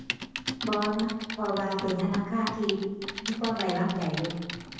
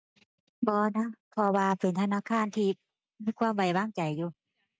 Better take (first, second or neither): second